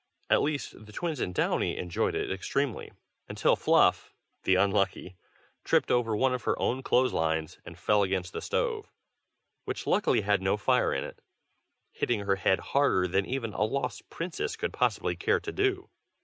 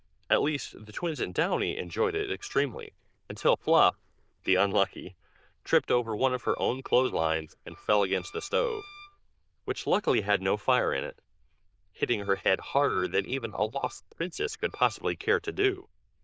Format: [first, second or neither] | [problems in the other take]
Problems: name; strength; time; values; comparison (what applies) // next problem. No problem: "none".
first | noise reduction (neural diffusion model UNIVERSE++)